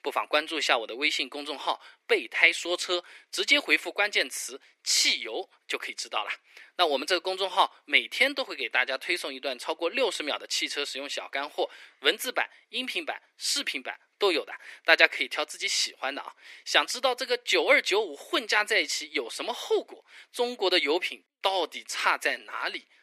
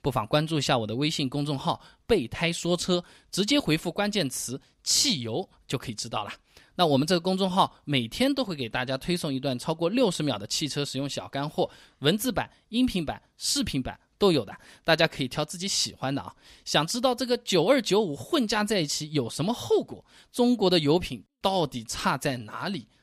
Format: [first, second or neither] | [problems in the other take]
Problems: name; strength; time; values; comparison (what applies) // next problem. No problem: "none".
second | thin; very; fading below 350 Hz